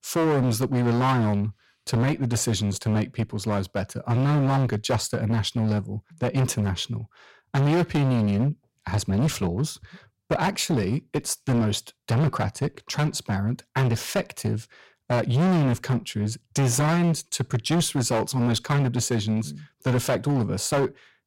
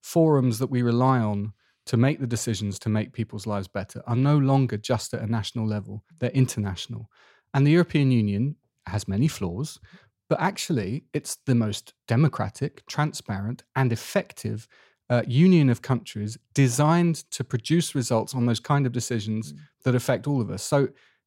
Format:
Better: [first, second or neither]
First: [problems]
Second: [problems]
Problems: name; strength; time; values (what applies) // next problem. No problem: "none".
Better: second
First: distortion; heavy; 16% of the sound clipped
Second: none